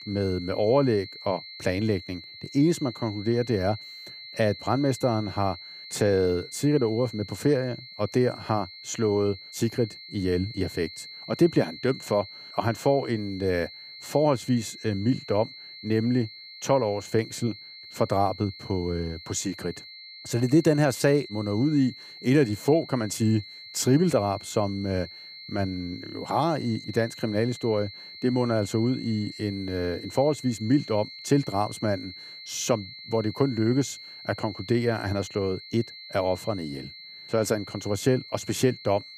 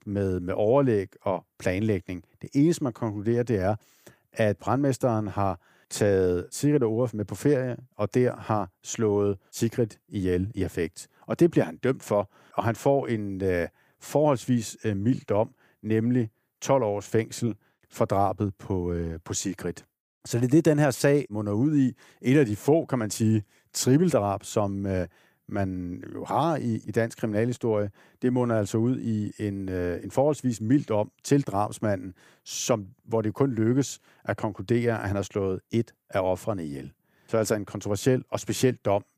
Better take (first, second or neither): second